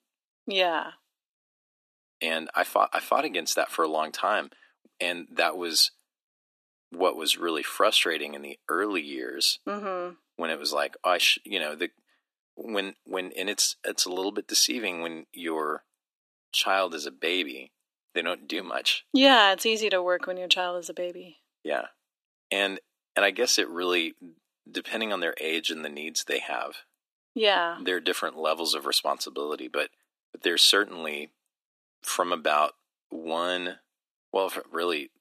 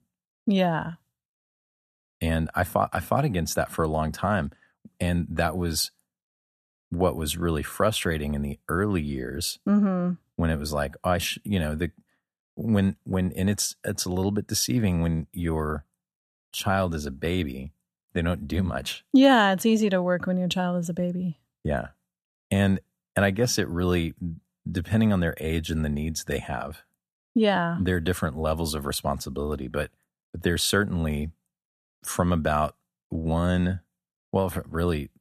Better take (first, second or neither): second